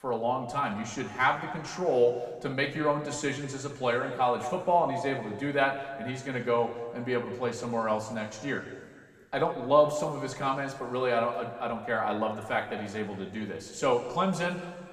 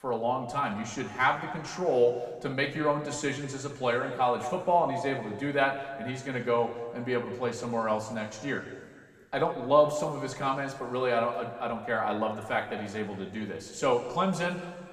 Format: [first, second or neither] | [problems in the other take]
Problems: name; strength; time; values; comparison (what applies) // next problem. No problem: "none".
neither | room echo; slight; dies away in 1.8 s; the same in both // off-mic speech; somewhat distant; the same in both